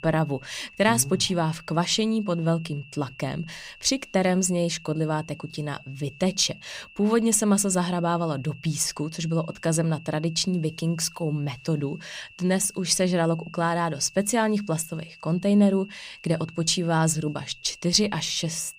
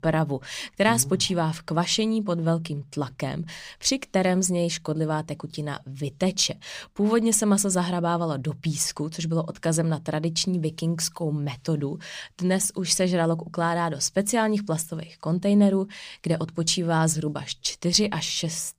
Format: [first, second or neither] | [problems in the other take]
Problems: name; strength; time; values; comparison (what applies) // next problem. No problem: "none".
second | high-pitched whine; faint; throughout; 2.5 kHz, 20 dB below the speech